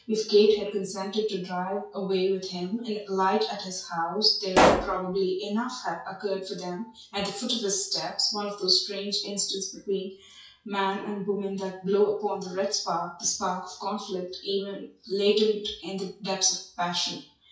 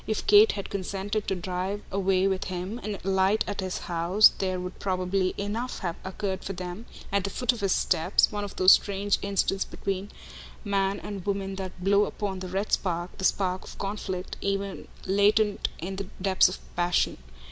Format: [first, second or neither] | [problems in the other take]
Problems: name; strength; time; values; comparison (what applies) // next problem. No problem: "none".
second | noise reduction (classical method WPE with log-MMSE)